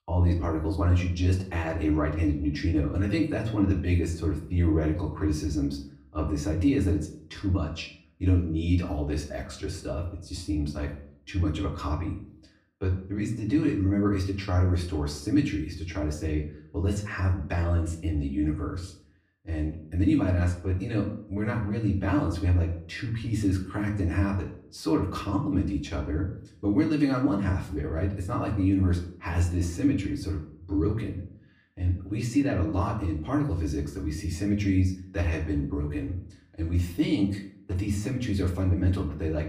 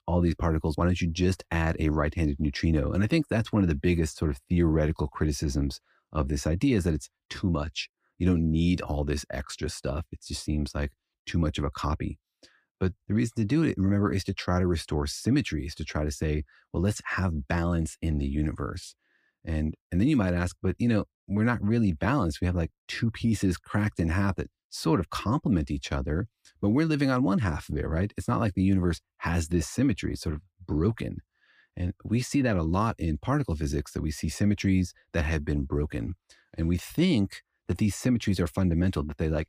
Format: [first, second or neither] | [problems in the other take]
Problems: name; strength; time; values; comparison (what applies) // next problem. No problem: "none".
second | off-mic speech; far // room echo; slight; dies away in 0.5 s